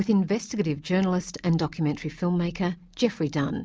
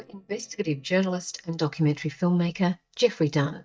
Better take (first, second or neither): first